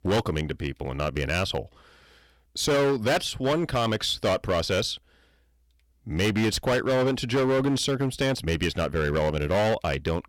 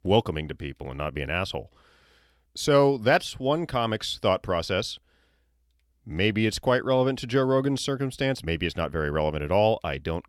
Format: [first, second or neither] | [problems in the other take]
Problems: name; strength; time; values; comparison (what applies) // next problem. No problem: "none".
second | distortion; heavy; 13% of the sound clipped